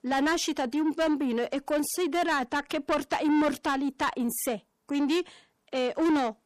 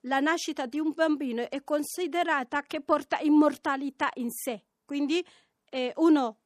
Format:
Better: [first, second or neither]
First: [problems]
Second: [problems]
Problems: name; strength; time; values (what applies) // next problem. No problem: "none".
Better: second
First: distortion; heavy; 8 dB below the speech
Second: none